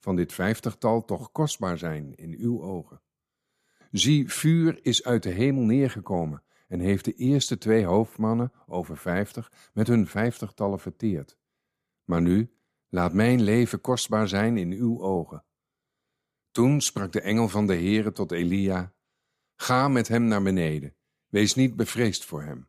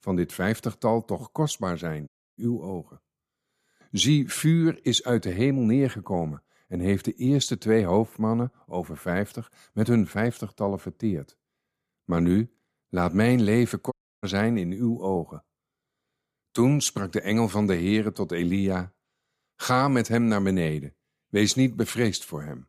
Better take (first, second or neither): first